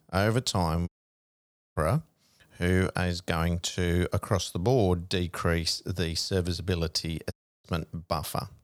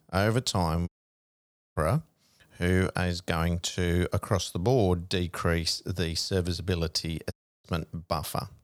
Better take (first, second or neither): neither